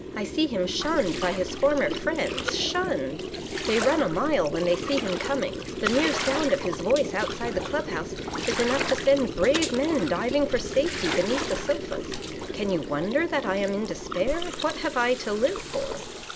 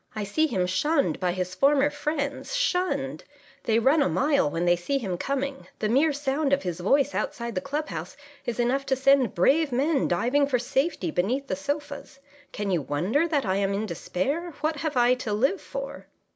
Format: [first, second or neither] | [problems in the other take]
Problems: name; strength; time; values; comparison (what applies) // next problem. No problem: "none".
second | background sound (Gurgling); 5 dB below the speech